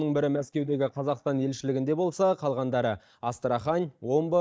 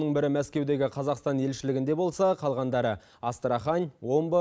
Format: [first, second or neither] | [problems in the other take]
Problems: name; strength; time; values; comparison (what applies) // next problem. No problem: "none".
second | noise reduction (neural mask model DeepFilterNet 3)